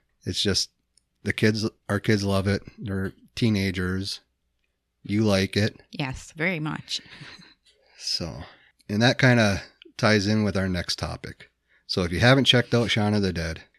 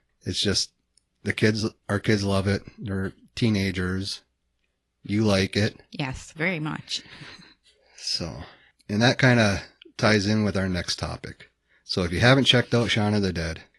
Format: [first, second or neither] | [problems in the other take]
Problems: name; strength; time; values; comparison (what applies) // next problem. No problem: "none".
first | garbled, watery; slightly; nothing above 11 kHz